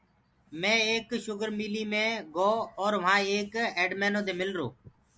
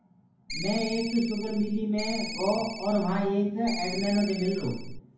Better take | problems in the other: first | background sound (Ringtone); 9 dB below the speech // room echo; dies away in 0.9 s

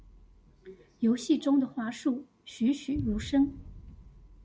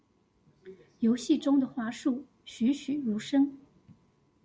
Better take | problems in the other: second | background sound (Boom); 16 dB below the speech

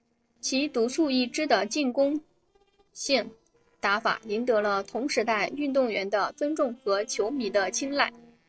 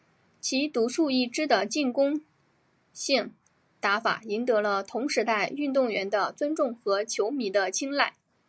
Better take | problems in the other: second | noise reduction (neural separator model SepFormer DNS4)

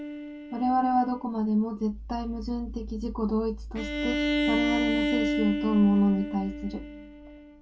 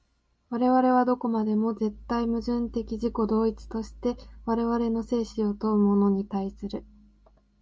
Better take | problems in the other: second | background sound (Bowed string instrument); 3 dB below the speech // room echo; dies away in 0.2 s

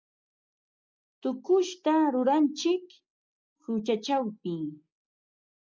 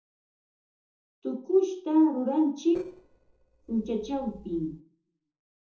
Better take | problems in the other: first | noise reduction (neural separator model SepFormer DNS4)

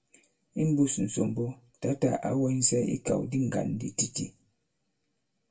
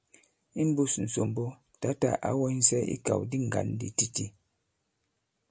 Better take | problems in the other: second | room echo; dies away in 0.2 s

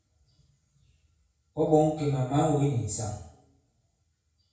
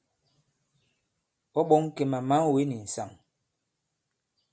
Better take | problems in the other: second | room echo; dies away in 0.6 s

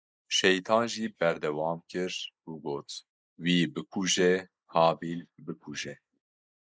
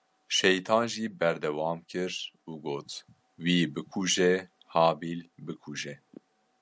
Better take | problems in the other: second | noise reduction (neural mask model Resemble Enhance denoiser)

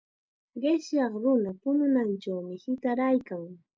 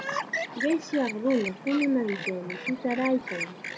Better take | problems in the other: first | background sound (Chirp, tweet); 7 dB below the speech

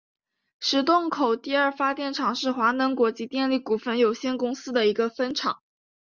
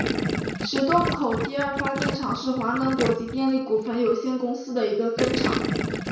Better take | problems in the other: first | background sound (Gurgling); 3 dB below the speech // room echo; dies away in 0.6 s

